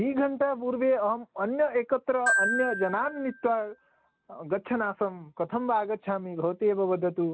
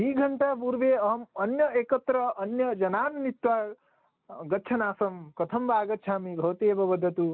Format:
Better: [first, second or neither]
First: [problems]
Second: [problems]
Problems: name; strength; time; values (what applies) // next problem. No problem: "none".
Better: second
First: background sound (Glockenspiel); 5 dB below the speech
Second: none